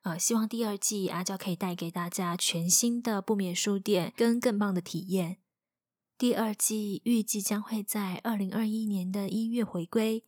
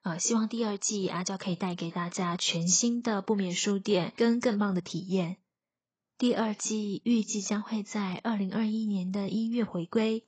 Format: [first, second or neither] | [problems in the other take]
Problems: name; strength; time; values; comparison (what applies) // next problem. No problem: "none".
first | garbled, watery; badly; nothing above 7.5 kHz